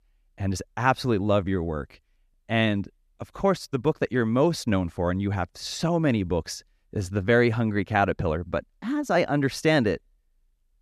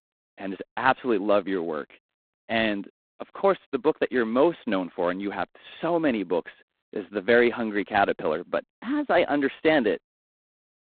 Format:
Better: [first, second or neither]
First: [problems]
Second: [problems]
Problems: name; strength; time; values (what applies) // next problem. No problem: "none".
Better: first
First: none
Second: phone-call audio; poor line; nothing above 4 kHz